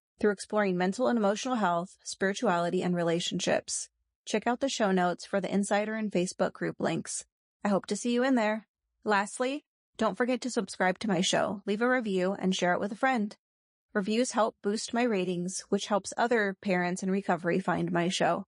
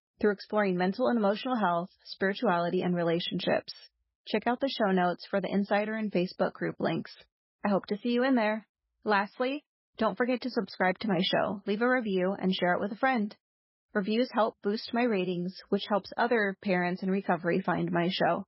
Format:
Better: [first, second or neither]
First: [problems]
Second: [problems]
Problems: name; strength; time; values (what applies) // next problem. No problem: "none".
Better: first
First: garbled, watery; slightly; nothing above 10.5 kHz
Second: garbled, watery; badly; nothing above 5.5 kHz